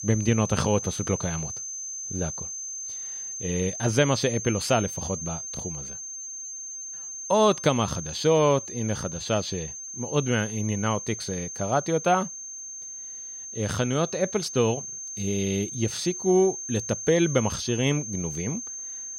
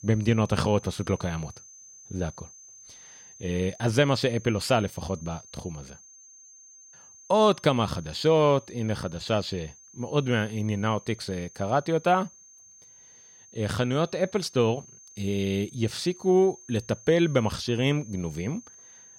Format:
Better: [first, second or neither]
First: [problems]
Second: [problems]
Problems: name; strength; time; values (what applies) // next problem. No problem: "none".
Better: second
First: high-pitched whine; loud; throughout; 6.5 kHz, 7 dB below the speech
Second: high-pitched whine; faint; throughout; 6.5 kHz, 20 dB below the speech